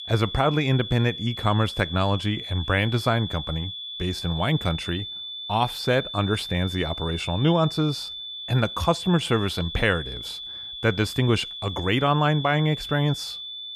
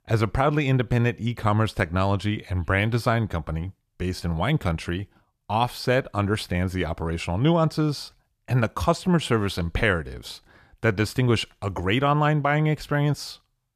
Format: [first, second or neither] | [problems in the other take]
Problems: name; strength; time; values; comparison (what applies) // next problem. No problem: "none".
second | high-pitched whine; loud; throughout; 3.5 kHz, 8 dB below the speech